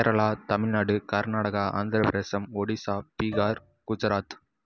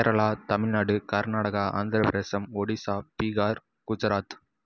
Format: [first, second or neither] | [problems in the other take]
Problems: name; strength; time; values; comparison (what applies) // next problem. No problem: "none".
second | background sound (Bowed string instrument); 14 dB below the speech